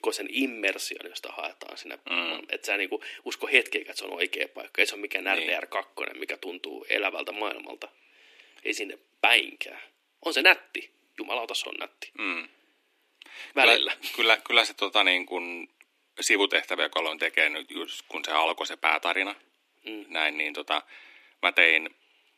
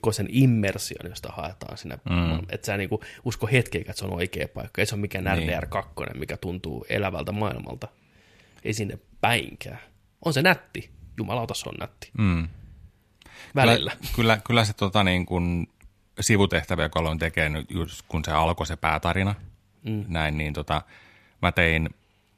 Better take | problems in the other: second | thin; very; fading below 300 Hz

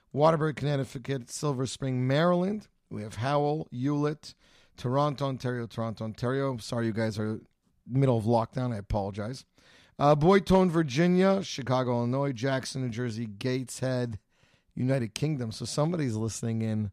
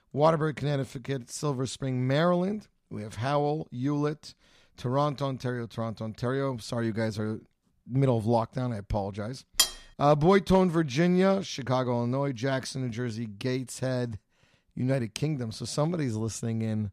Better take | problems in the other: first | clattering dishes; loud; at 9.5 s; peak 3 dB above the speech

